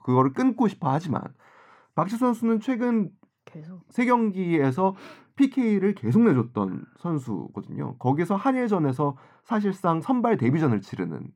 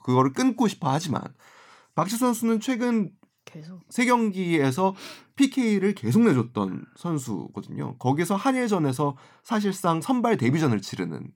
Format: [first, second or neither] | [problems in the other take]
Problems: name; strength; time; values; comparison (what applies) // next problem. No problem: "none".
second | muffled; slightly; fading above 3 kHz